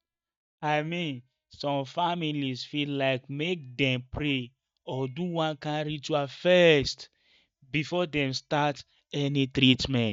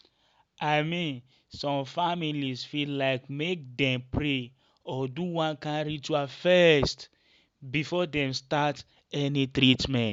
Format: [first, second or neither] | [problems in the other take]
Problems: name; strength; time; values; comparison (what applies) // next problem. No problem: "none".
second | noise reduction (neural mask model DeepFilterNet 3)